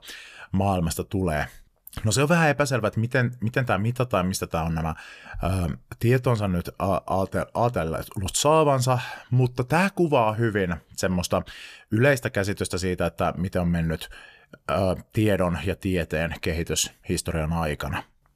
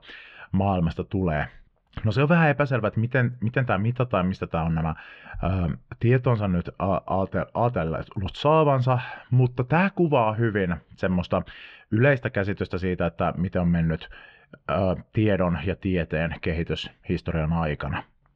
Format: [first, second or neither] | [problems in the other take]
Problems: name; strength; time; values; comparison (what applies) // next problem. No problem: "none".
first | muffled; very; fading above 3 kHz